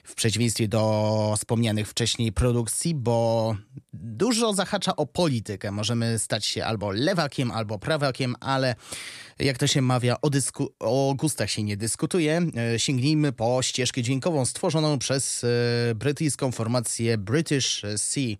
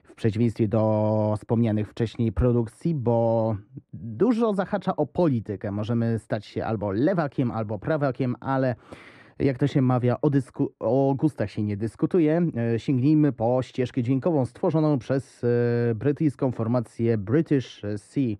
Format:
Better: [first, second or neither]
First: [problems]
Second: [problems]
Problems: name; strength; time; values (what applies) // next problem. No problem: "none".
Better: first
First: none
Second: muffled; very; fading above 3 kHz